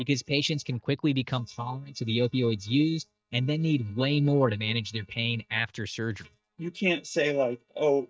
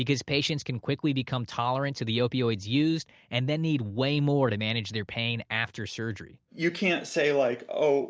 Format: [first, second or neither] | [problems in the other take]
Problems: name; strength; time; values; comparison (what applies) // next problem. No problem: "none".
second | noise reduction (neural mask model DeepFilterNet 3)